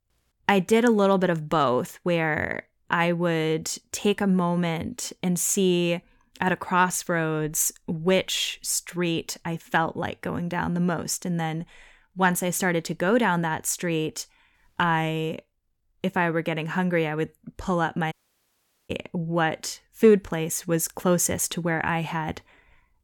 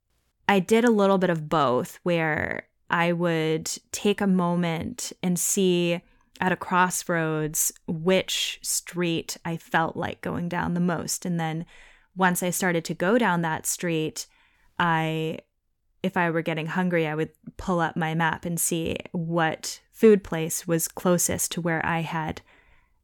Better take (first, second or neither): second